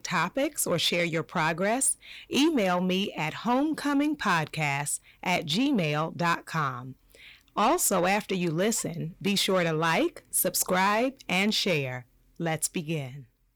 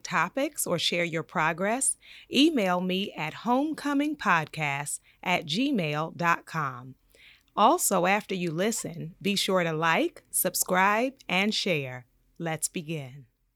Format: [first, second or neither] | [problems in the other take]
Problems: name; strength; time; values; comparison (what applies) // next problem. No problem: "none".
second | distortion; slight; 10 dB below the speech